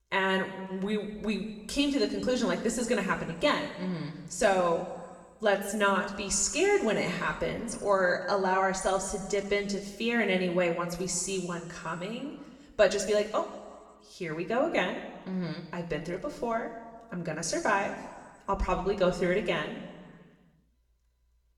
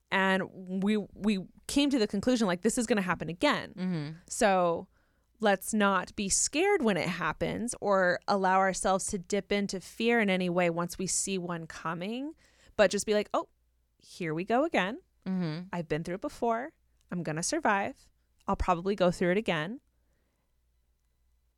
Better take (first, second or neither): second